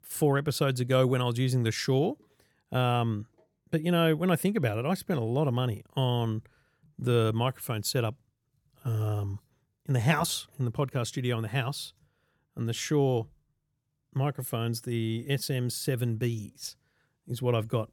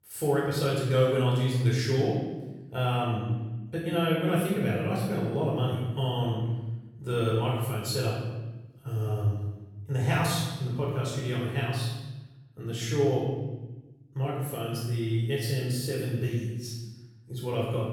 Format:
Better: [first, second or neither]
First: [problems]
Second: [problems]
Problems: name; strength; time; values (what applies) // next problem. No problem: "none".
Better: first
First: none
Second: room echo; strong; dies away in 1.1 s // off-mic speech; far